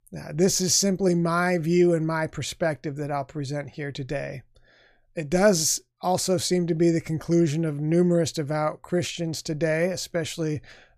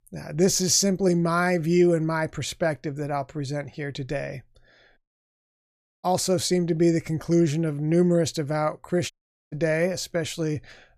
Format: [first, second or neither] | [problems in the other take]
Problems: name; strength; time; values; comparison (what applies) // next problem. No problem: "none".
first | audio cutting out; at 5 s for 1 s and at 9 s